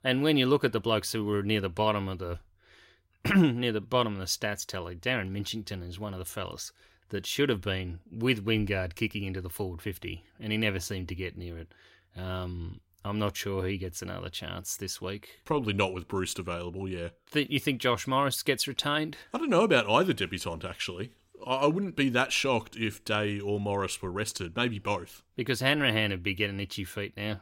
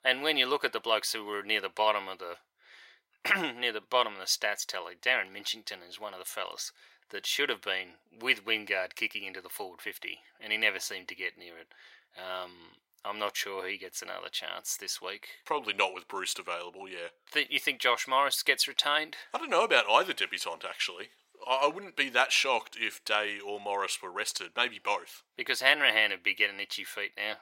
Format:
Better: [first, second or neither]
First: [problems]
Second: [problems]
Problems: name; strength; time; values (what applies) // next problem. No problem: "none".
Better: first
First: none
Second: thin; very; fading below 700 Hz